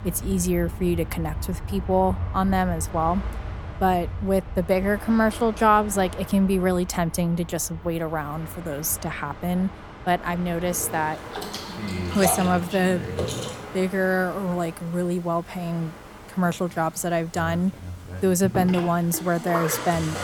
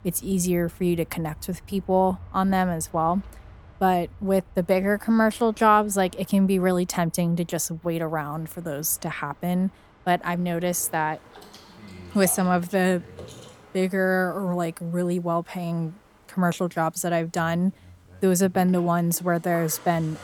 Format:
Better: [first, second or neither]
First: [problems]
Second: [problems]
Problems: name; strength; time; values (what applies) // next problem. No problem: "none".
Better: second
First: train or aircraft noise; loud; throughout; 10 dB below the speech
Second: train or aircraft noise; faint; throughout; 25 dB below the speech